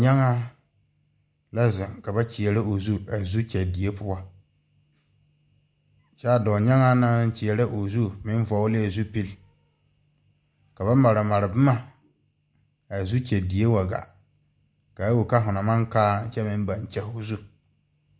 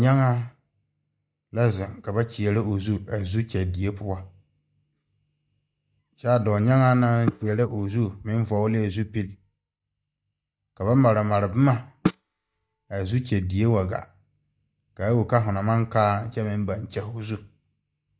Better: first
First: none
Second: noise reduction (neural mask model DeepFilterNet 3)

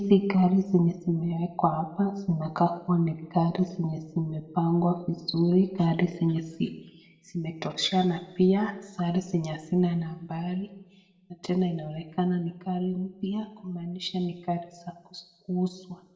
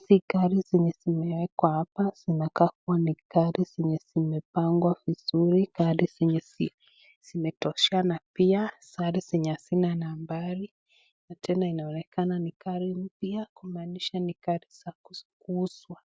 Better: second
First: room echo; dies away in 0.7 s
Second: none

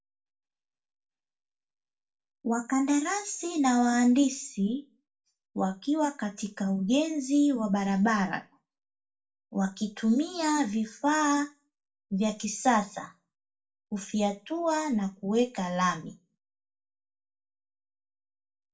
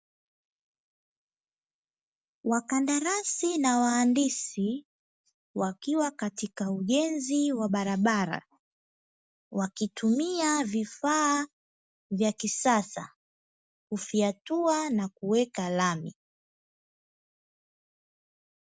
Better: second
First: room echo; dies away in 0.2 s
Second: none

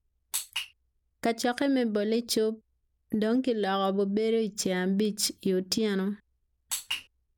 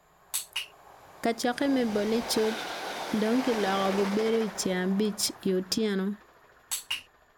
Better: first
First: none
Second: background sound (Train); 10 dB below the speech

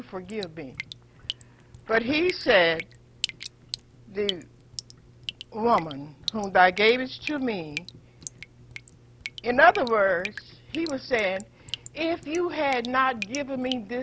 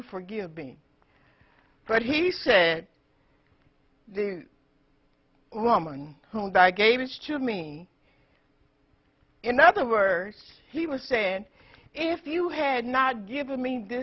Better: second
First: background sound (Drip); 14 dB below the speech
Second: none

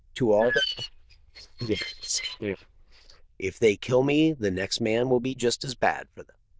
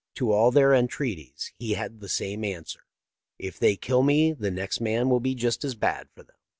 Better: second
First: noise reduction (neural diffusion model UNIVERSE++)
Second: none

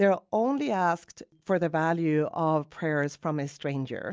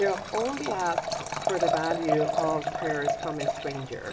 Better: first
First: none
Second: background sound (Liquid); as loud as the speech // room echo; dies away in 1.2 s

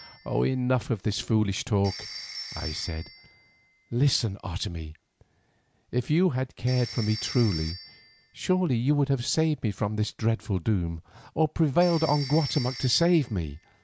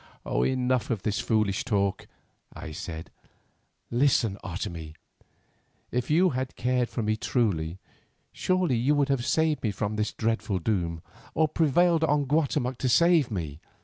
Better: second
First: background sound (Telephone); 16 dB below the speech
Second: none

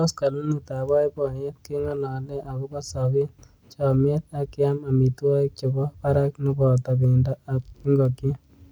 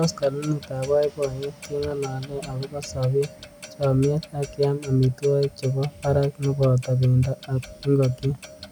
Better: first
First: none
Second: background sound (Clock); 19 dB below the speech

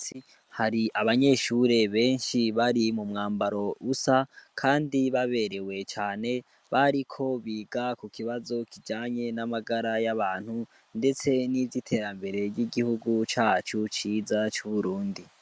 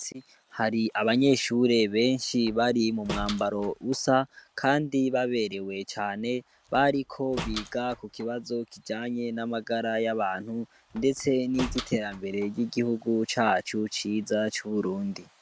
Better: first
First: none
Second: background sound (Slam); 15 dB below the speech

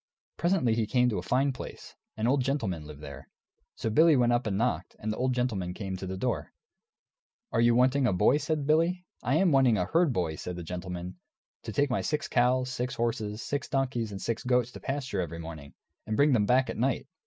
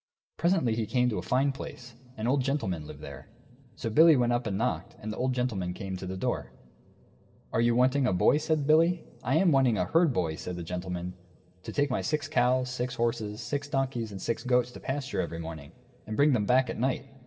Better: first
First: none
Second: room echo; dies away in 2.4 s

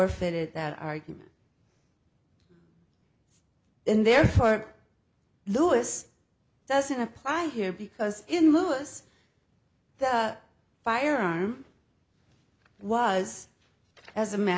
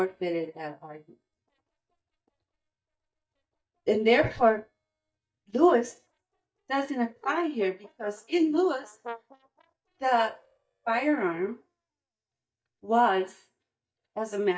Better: first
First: none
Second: noise reduction (neural mask model DeepFilterNet 3)

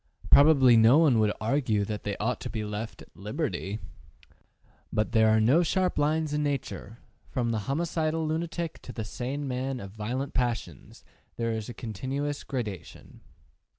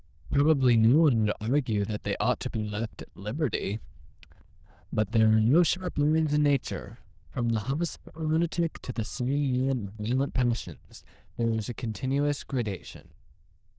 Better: first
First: none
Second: noise reduction (neural diffusion model UNIVERSE++)

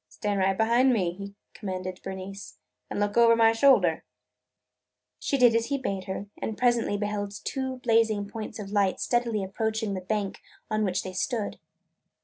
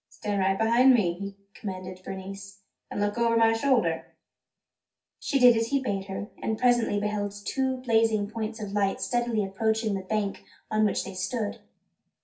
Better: first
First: none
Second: room echo; dies away in 0.3 s

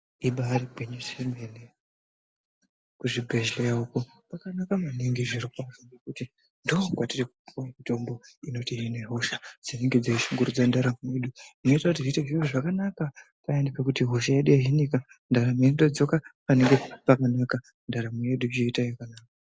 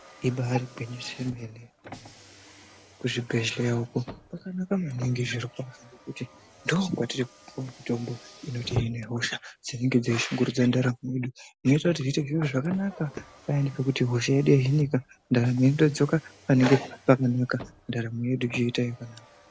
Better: first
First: none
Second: background sound (Car); 18 dB below the speech

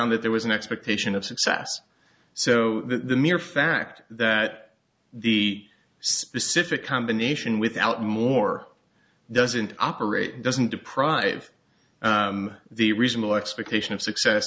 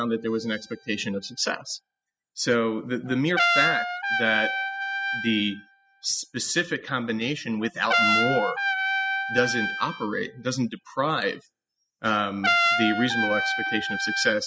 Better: first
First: none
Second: noise reduction (classical method spectral subtraction)

